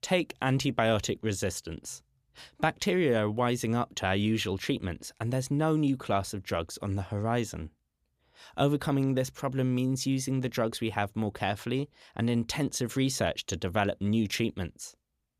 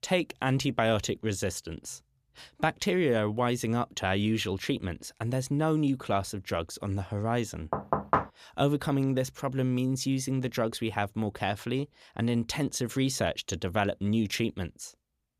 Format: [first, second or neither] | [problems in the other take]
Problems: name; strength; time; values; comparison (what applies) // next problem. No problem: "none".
first | door banging; loud; at 7.5 s; peak 2 dB above the speech